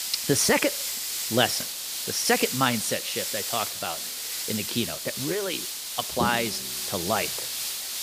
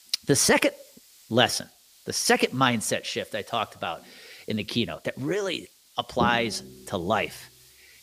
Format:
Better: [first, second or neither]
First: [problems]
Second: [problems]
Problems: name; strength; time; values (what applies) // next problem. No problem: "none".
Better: second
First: hiss; loud; throughout; 2 dB below the speech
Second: hiss; faint; throughout; 25 dB below the speech